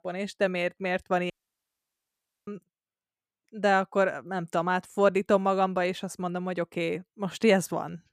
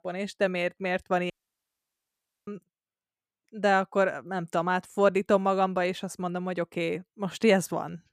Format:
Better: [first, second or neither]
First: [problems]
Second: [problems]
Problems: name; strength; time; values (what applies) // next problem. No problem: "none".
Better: neither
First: audio cutting out; at 1.5 s for 1 s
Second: audio cutting out; at 1.5 s for 1 s